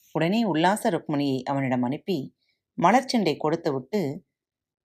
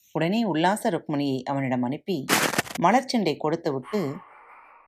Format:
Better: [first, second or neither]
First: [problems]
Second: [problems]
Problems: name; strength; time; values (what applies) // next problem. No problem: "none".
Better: first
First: none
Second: footsteps; loud; at 2.5 s; peak 4 dB above the speech // dog barking; faint; from 4 s on; peak 15 dB below the speech